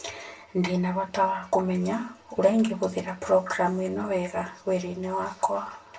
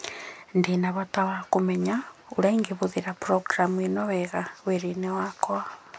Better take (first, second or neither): second